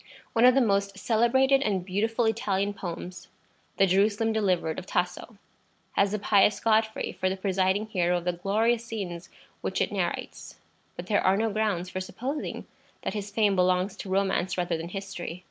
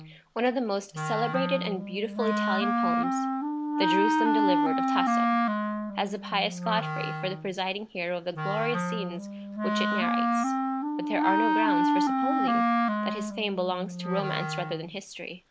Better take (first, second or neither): first